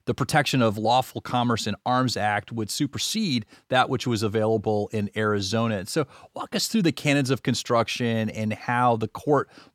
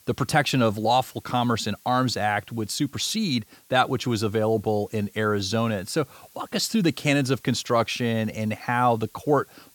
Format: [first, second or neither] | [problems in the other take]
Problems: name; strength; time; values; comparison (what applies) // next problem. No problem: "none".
first | hiss; faint; throughout; 25 dB below the speech